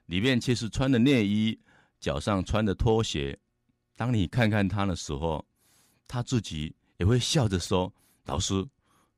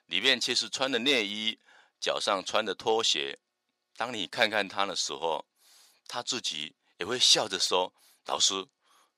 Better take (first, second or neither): first